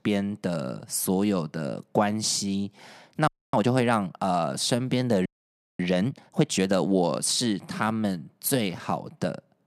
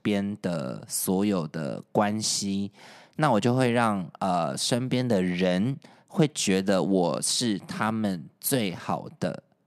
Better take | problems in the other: second | audio freezing; at 3.5 s and at 5.5 s for 0.5 s

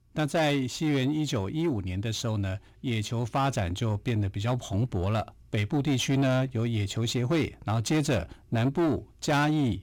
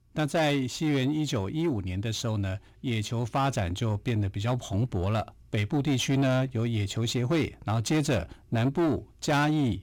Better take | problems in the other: neither | distortion; slight; 10 dB below the speech; the same in both

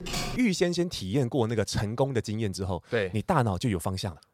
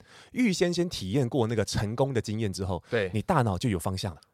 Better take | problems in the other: second | keyboard typing; noticeable; at the start; peak 4 dB below the speech

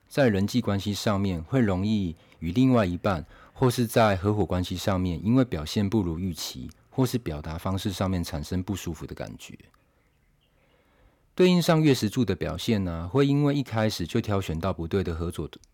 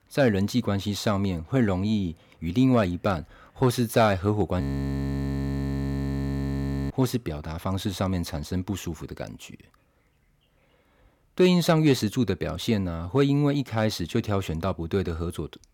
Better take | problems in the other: first | audio freezing; at 4.5 s for 2.5 s

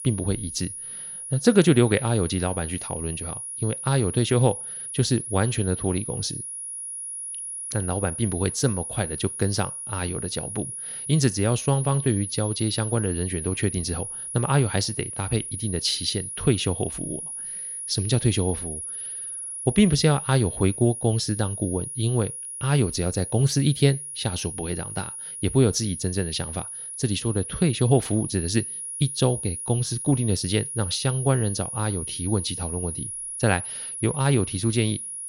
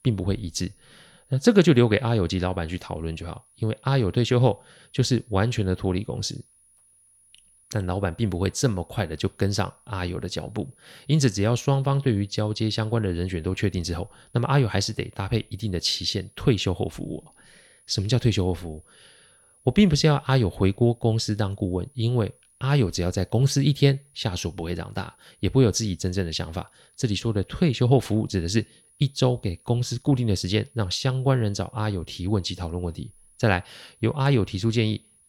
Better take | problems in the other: second | high-pitched whine; loud; throughout; 10.5 kHz, 7 dB below the speech; faint in the second

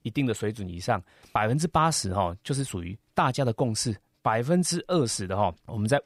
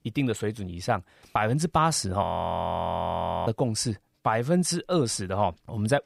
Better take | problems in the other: first | audio freezing; at 2 s for 1 s

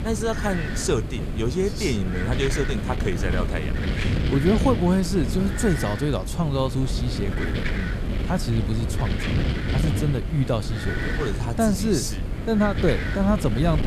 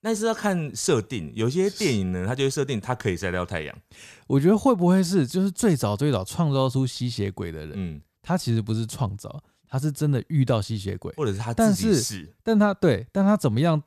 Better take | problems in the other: second | wind noise on the microphone; heavy; 5 dB below the speech

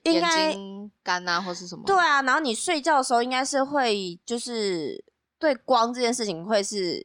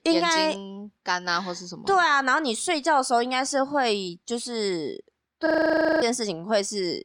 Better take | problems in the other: first | audio freezing; at 5.5 s for 0.5 s

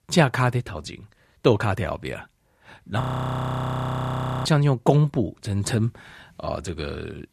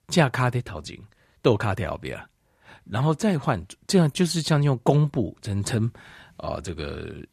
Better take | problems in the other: second | audio freezing; at 3 s for 1.5 s

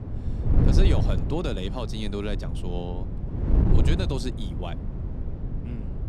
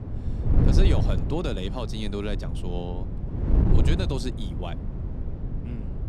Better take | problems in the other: neither | wind noise on the microphone; heavy; 4 dB below the speech; the same in both

